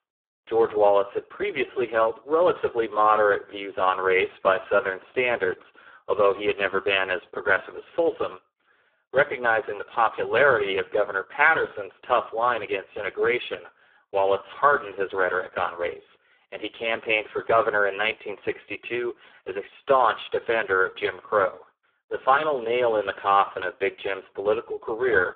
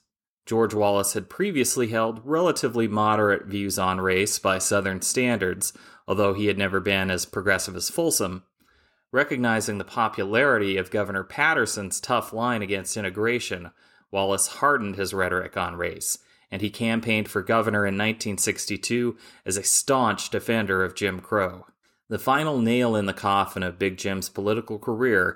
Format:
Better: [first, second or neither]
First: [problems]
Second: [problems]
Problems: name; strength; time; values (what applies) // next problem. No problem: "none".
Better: second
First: phone-call audio; poor line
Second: none